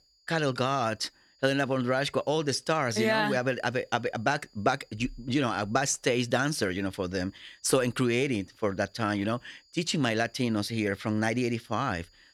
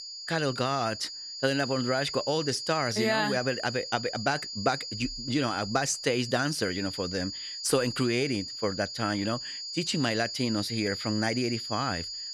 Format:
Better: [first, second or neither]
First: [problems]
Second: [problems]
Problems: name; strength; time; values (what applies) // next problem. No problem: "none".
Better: first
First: high-pitched whine; faint; throughout; 5 kHz, 30 dB below the speech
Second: high-pitched whine; loud; throughout; 5 kHz, 6 dB below the speech